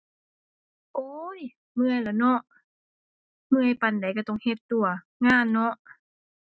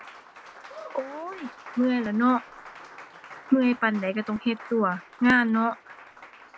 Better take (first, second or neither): first